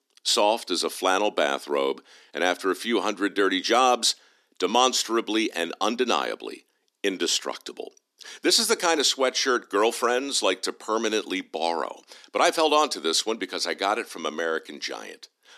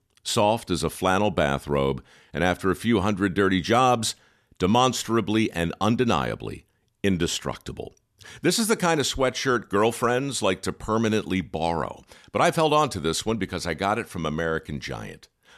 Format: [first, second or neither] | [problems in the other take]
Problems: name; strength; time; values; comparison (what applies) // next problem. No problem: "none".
second | thin; somewhat; fading below 250 Hz